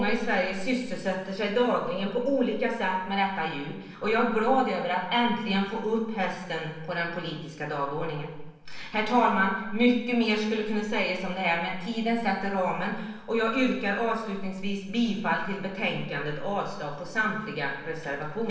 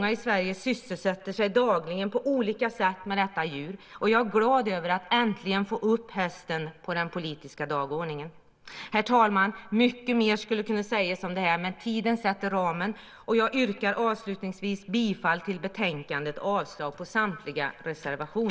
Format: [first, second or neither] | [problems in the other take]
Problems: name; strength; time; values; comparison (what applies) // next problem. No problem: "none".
second | room echo; dies away in 0.9 s